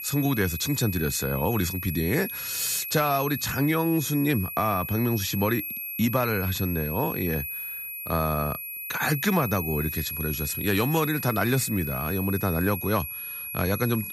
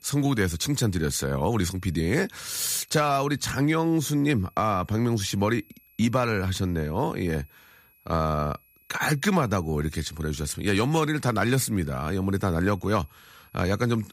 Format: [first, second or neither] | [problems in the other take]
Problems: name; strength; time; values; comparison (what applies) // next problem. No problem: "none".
second | high-pitched whine; loud; throughout; 11.5 kHz, 5 dB below the speech; faint in the second